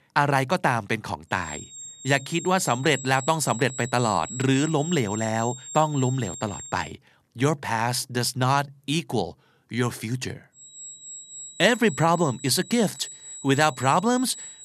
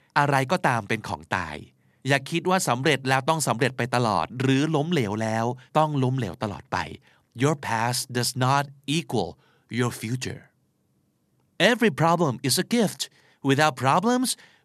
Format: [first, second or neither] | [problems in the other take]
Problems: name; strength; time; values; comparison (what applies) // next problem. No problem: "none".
second | high-pitched whine; noticeable; from 1.5 to 7 s and from 11 s on; 8 kHz, 15 dB below the speech